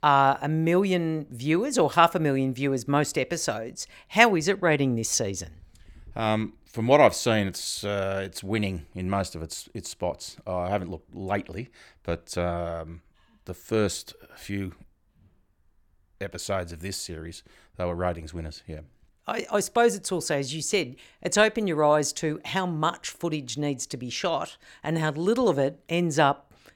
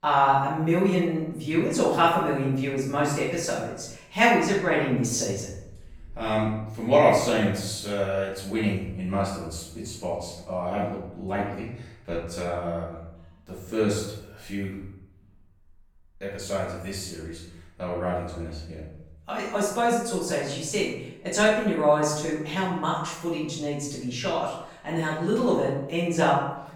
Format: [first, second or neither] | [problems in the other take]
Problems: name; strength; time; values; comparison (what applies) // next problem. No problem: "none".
first | room echo; noticeable; dies away in 0.7 s // off-mic speech; far